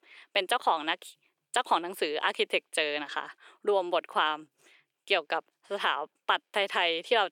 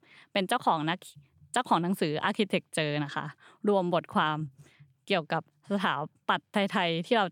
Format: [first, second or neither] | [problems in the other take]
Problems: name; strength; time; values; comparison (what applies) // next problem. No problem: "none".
second | thin; very; fading below 400 Hz